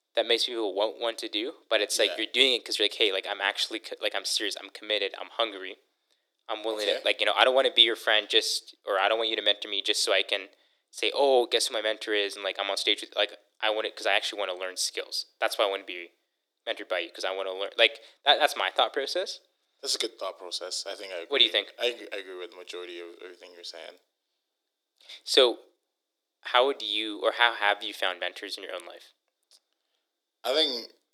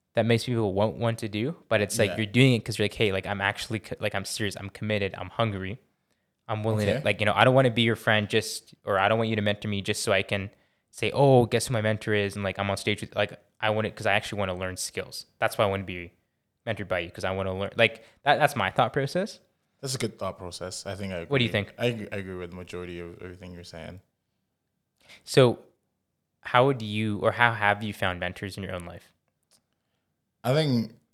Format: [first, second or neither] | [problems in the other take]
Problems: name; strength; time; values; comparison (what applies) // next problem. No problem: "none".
second | thin; very; fading below 300 Hz